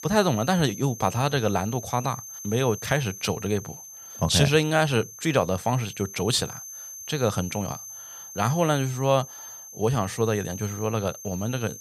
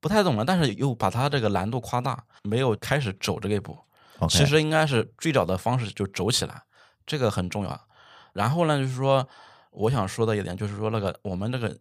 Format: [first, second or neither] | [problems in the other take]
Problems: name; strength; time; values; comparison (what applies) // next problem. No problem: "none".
second | high-pitched whine; noticeable; throughout; 6.5 kHz, 15 dB below the speech